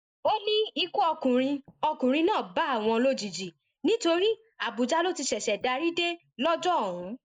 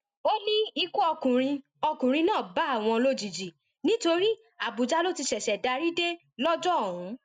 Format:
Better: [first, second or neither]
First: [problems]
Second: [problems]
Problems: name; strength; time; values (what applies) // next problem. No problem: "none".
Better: second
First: noise reduction (neural mask model Resemble Enhance denoiser)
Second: none